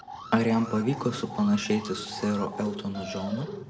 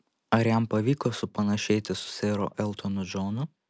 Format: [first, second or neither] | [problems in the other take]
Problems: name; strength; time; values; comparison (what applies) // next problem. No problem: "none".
second | background sound (Alarm); 13 dB below the speech // room echo; dies away in 1.2 s